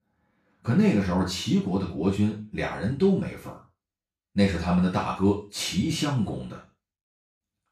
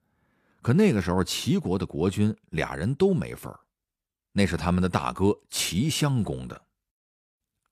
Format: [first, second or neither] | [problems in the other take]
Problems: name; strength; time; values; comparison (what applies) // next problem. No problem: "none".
second | room echo; noticeable; dies away in 0.3 s // off-mic speech; far